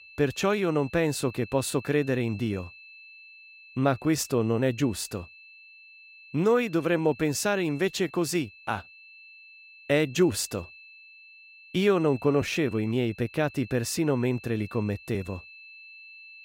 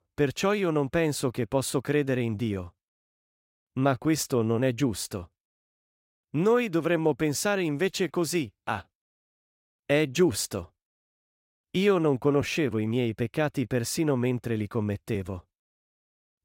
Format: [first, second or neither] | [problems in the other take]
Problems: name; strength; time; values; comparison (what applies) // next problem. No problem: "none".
second | high-pitched whine; noticeable; throughout; 2.5 kHz, 20 dB below the speech